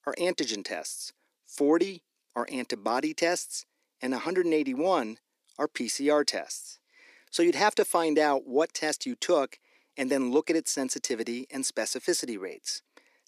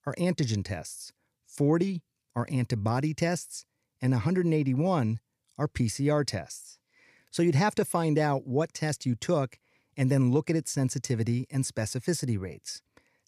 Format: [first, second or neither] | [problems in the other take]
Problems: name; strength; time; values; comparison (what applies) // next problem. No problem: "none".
second | thin; somewhat; fading below 300 Hz